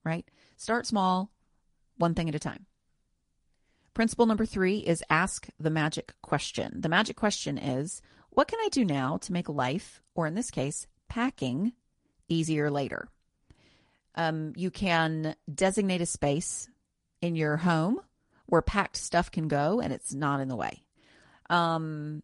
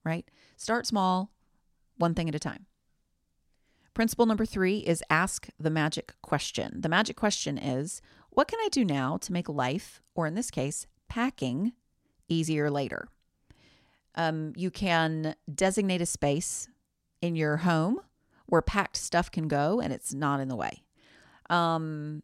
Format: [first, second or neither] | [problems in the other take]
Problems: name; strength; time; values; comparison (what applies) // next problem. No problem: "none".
second | garbled, watery; slightly; nothing above 11 kHz